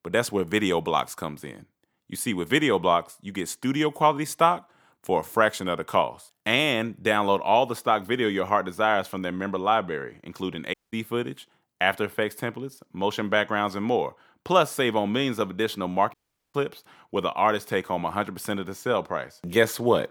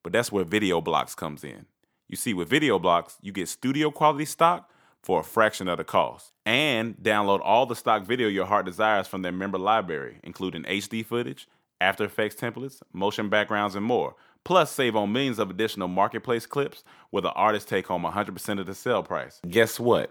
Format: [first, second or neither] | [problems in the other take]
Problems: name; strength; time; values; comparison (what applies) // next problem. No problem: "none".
second | audio cutting out; at 11 s and at 16 s